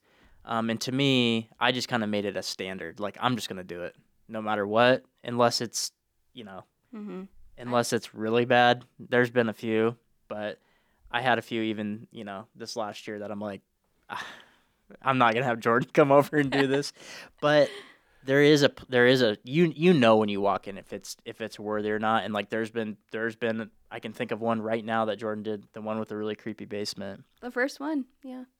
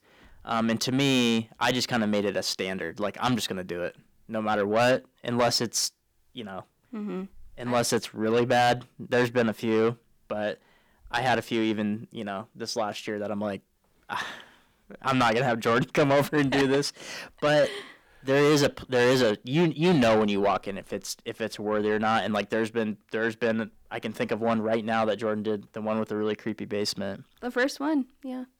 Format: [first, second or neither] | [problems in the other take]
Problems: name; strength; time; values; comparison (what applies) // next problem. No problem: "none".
first | distortion; heavy; 7 dB below the speech